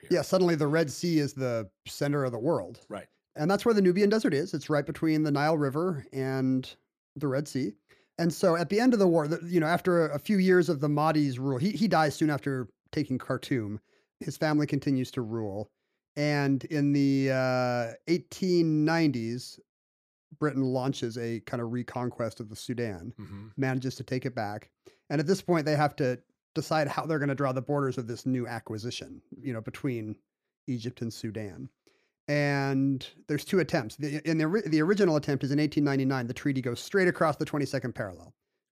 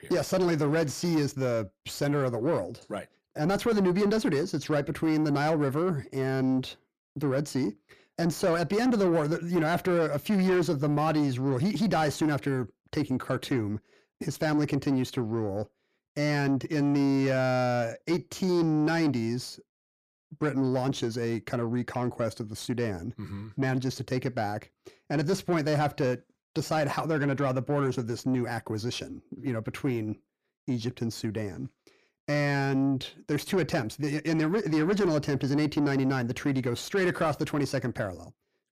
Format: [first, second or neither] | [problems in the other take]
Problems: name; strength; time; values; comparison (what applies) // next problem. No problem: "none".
first | distortion; slight; 10 dB below the speech